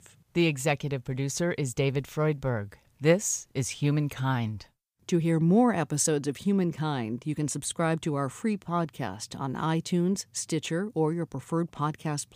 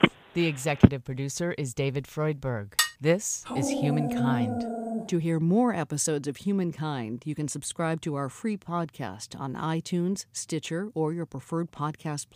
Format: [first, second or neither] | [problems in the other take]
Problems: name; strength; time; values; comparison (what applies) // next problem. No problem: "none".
first | phone ringing; loud; at the start; peak 8 dB above the speech // clattering dishes; loud; at 3 s; peak 4 dB above the speech // dog barking; loud; from 3.5 to 5 s; peak 2 dB above the speech